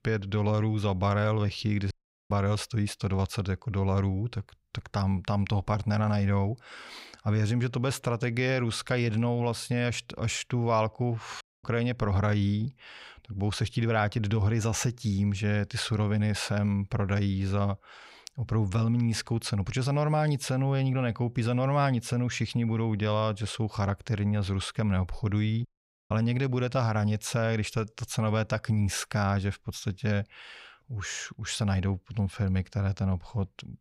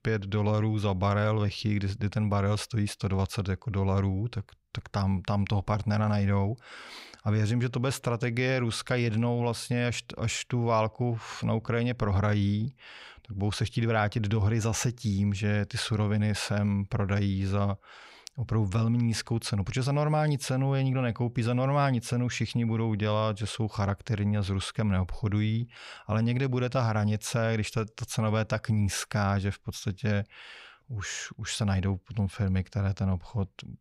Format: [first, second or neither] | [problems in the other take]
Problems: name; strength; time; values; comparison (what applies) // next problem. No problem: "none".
second | audio cutting out; at 2 s, at 11 s and at 26 s